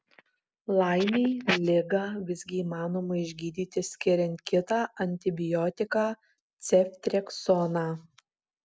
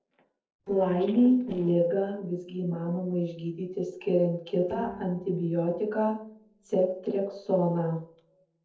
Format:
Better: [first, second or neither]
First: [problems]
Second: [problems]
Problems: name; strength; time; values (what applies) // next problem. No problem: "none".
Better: first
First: none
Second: noise reduction (neural separator model SepFormer DNS4)